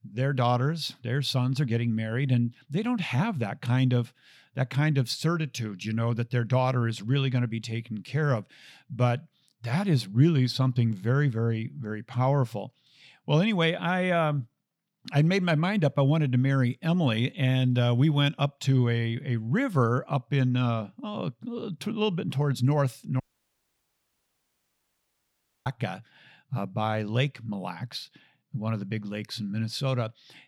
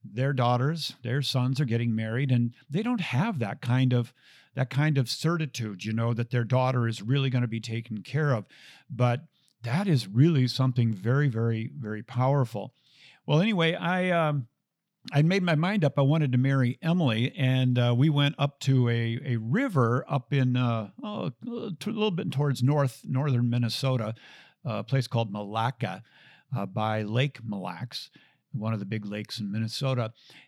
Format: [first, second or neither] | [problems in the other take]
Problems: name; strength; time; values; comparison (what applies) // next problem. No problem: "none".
second | audio cutting out; at 23 s for 2.5 s